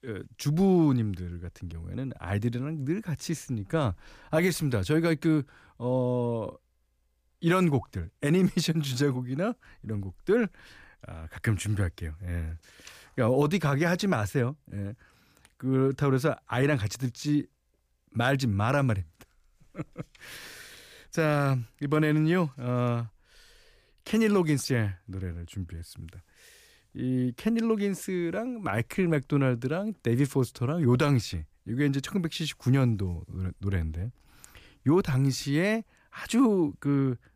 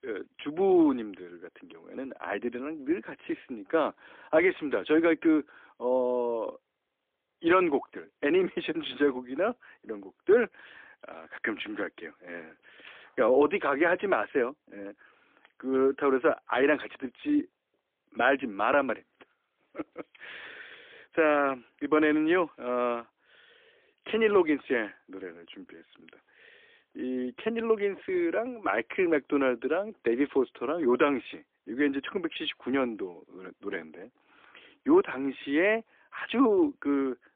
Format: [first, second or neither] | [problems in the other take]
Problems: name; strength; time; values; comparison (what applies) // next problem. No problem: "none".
first | phone-call audio; poor line; nothing above 3.5 kHz